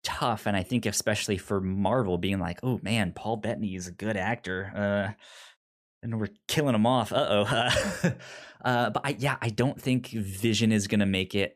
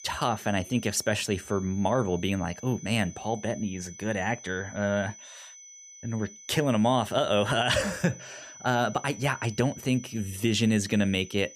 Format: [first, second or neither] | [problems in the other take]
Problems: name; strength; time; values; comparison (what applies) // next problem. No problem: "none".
first | high-pitched whine; noticeable; throughout; 6 kHz, 15 dB below the speech